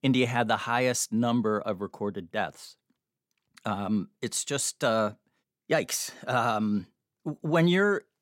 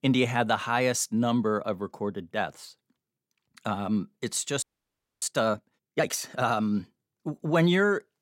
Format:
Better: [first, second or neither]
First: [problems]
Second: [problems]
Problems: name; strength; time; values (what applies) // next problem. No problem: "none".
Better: first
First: none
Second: audio freezing; at 4.5 s for 0.5 s